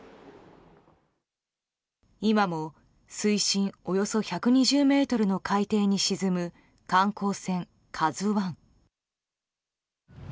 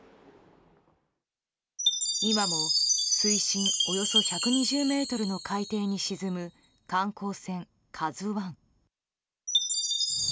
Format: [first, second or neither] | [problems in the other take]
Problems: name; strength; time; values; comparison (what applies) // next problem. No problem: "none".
first | background sound (Chime); 2 dB above the speech